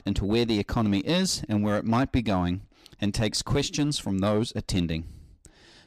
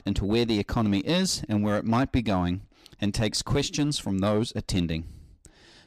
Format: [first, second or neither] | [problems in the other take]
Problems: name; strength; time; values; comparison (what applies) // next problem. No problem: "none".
neither | distortion; slight; 5% of the sound clipped; the same in both